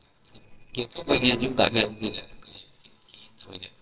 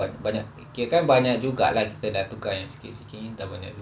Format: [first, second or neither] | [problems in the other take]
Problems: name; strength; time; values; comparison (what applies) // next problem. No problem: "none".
second | noise reduction (neural separator model SepFormer WHAMR!)